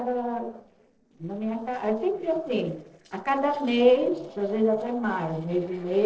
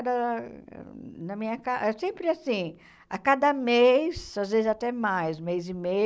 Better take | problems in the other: second | noise reduction (neural separator model SepFormer DNS4)

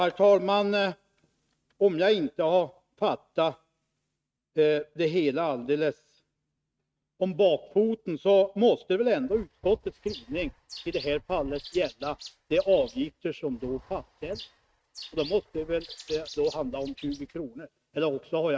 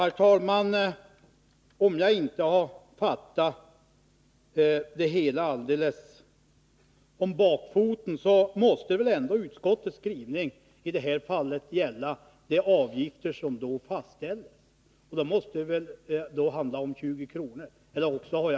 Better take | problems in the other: second | noise reduction (neural mask model RNNoise)

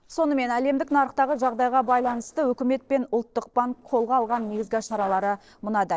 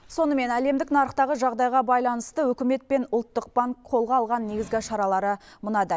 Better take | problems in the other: second | noise reduction (neural separator model SepFormer DNS4)

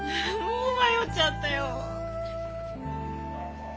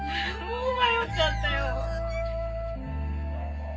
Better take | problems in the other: first | background sound (Bird); 18 dB below the speech // room echo; dies away in 0.4 s

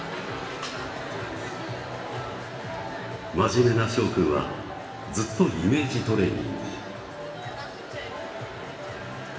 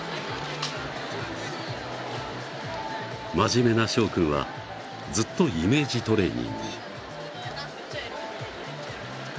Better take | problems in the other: second | room echo; dies away in 1.4 s

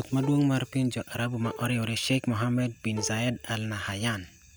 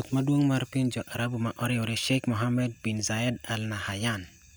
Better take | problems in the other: second | background sound (Bowed string instrument); 18 dB below the speech

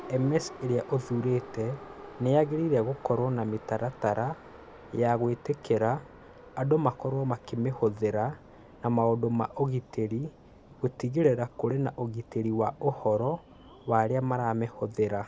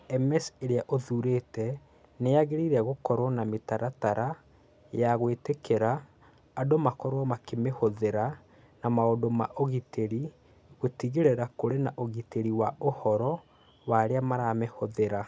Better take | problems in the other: second | background sound (Subway, metro, underground); 20 dB below the speech

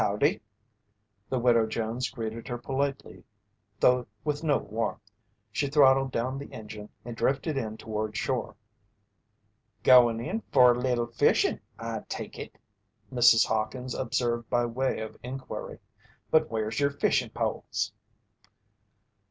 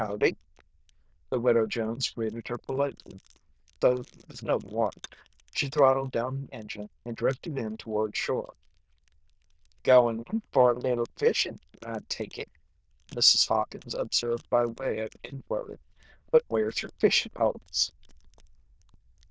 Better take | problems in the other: first | noise reduction (neural diffusion model UNIVERSE++)

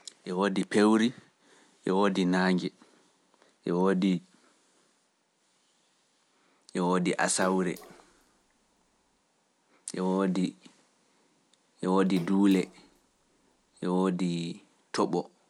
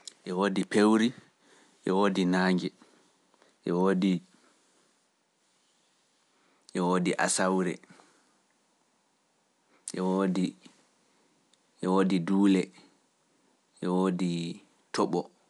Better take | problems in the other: second | background sound (Splash, splatter); 20 dB below the speech

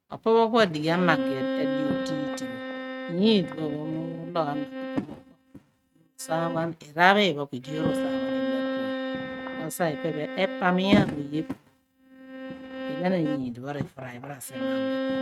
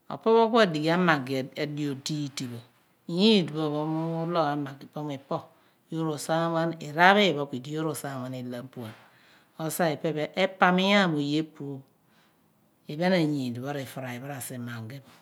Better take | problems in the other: second | noise reduction (neural mask model RNNoise)

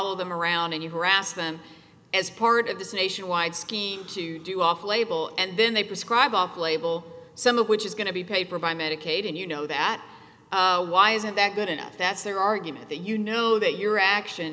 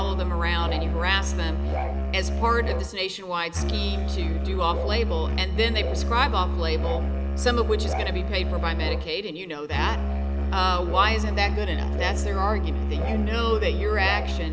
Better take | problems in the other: first | background sound (Musical instrument); 2 dB above the speech

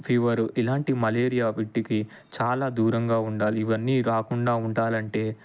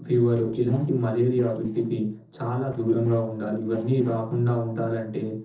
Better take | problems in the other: first | noise reduction (neural separator model SepFormer DNS4)

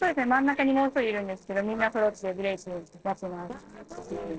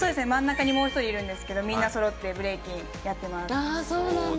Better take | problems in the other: second | noise reduction (neural separator model SepFormer DNS4)

